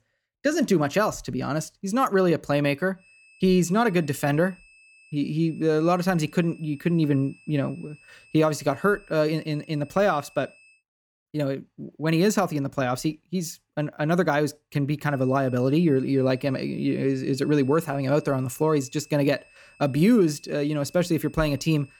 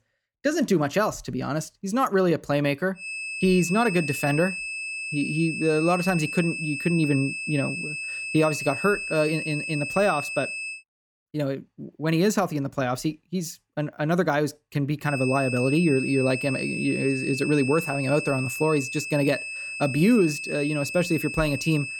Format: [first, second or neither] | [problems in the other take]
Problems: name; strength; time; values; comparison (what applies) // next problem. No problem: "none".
first | high-pitched whine; loud; from 3 to 11 s and from 15 s on; 2.5 kHz, 5 dB below the speech; faint in the first